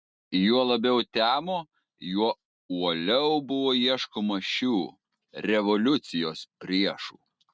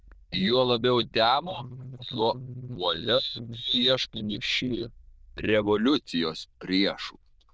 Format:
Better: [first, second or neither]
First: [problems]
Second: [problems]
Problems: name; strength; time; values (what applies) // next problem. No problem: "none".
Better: first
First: none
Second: noise reduction (neural diffusion model UNIVERSE++)